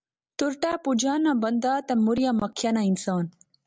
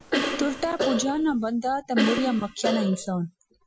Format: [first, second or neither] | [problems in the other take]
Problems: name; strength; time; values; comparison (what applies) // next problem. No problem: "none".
first | noise reduction (classical method Wiener filter)